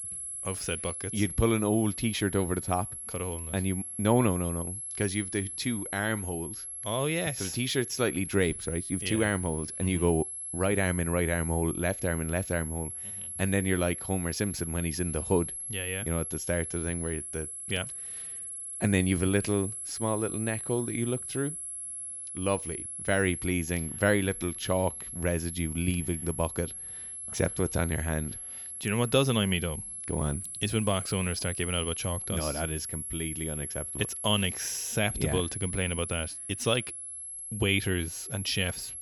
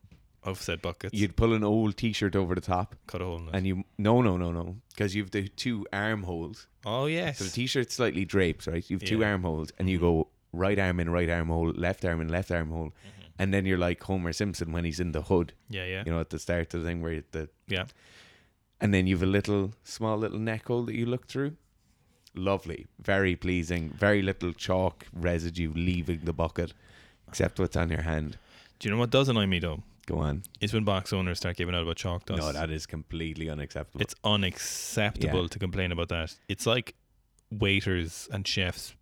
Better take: second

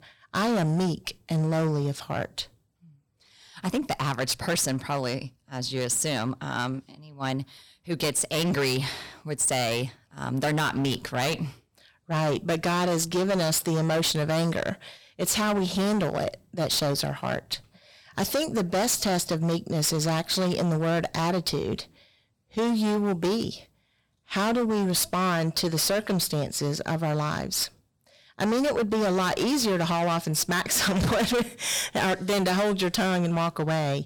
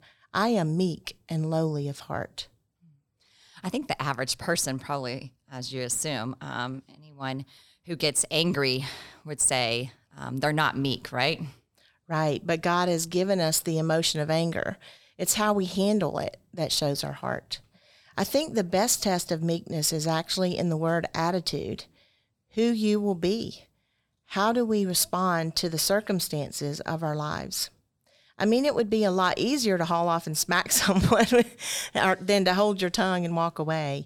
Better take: second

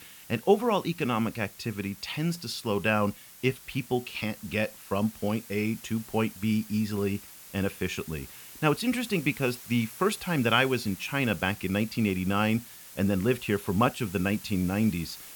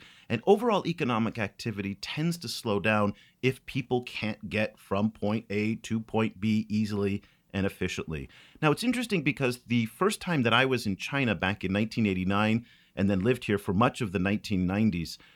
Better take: second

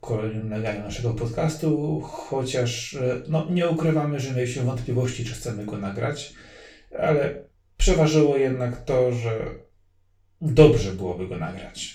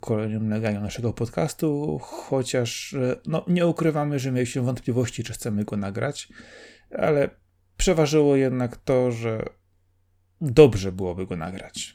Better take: second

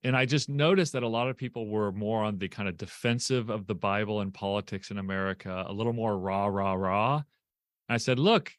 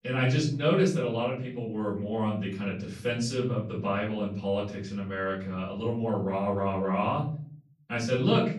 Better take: first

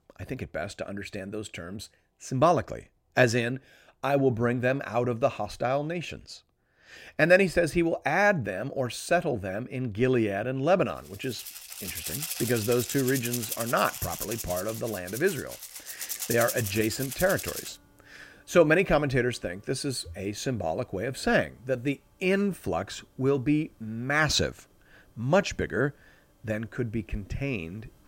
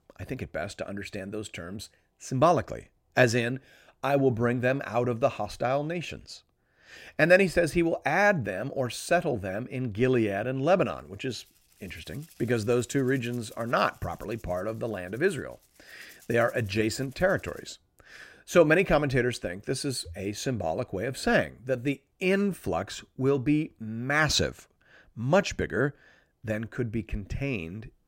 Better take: second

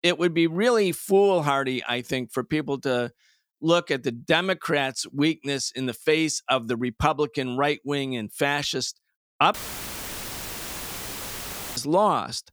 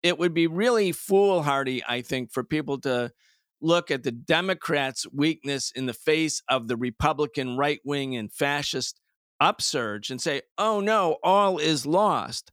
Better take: second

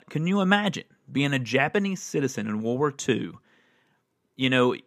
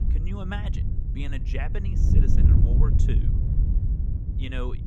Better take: first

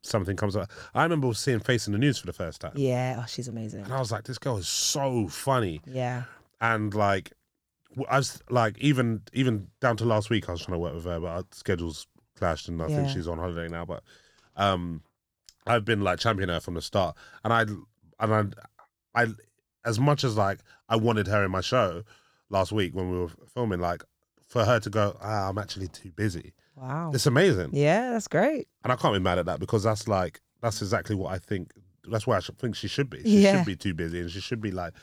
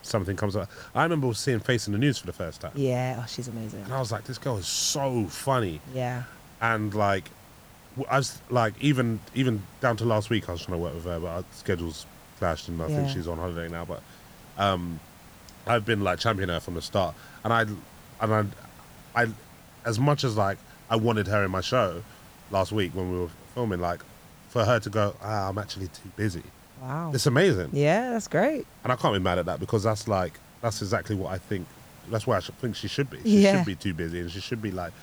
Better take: first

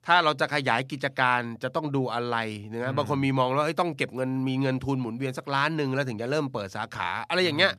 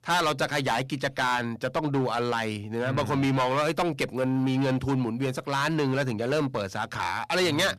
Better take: first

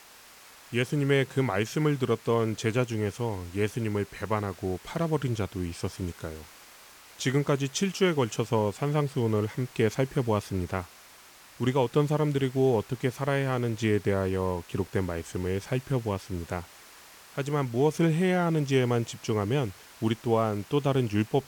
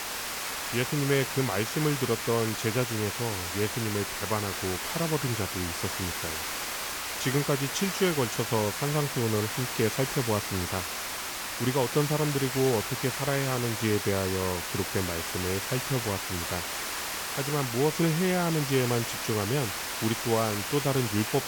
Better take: first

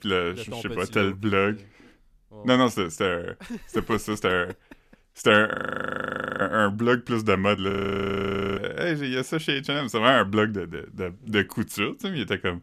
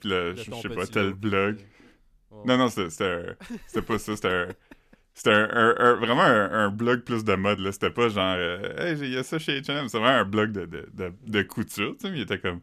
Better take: second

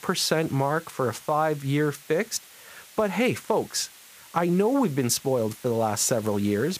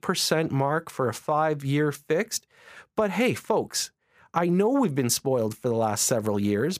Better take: second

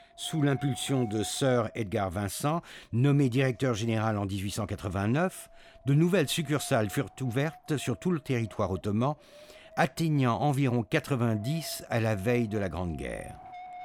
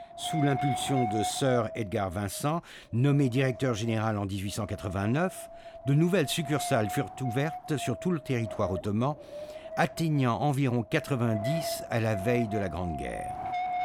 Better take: first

